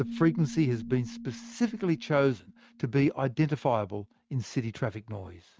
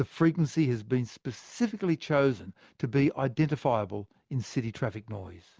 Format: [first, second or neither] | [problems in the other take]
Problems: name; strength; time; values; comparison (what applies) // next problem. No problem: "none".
second | noise reduction (neural mask model RNNoise)